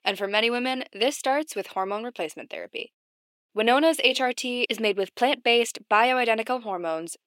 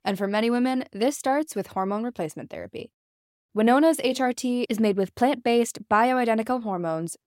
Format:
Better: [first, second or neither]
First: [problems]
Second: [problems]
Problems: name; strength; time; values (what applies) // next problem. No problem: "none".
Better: second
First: thin; somewhat; fading below 400 Hz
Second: none